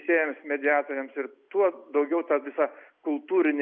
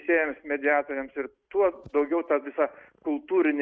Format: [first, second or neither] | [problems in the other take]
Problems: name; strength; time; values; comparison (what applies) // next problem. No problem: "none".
first | noise reduction (neural mask model RNNoise)